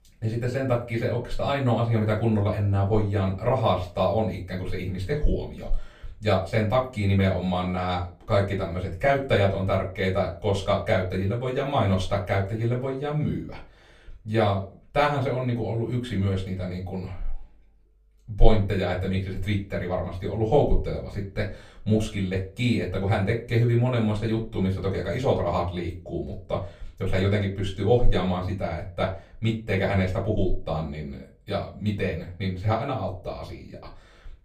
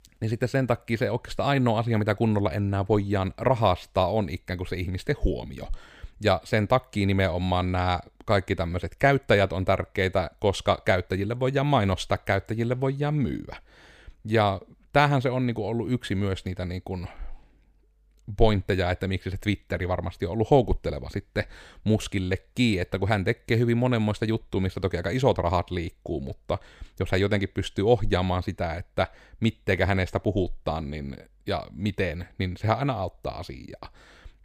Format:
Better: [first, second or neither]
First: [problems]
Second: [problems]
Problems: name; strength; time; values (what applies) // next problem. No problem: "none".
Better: second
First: off-mic speech; far // room echo; very slight; dies away in 0.3 s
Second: none